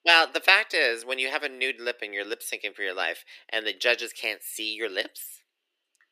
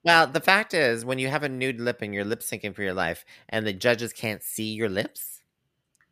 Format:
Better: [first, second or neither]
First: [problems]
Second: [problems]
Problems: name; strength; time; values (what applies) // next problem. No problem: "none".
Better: second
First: thin; very; fading below 300 Hz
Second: none